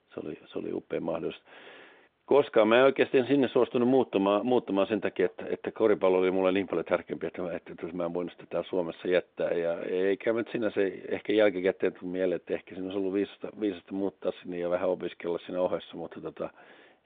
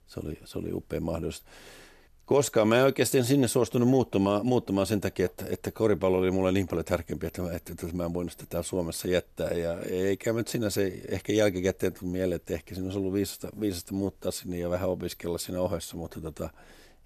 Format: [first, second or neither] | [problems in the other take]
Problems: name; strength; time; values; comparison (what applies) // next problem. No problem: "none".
second | phone-call audio; nothing above 3.5 kHz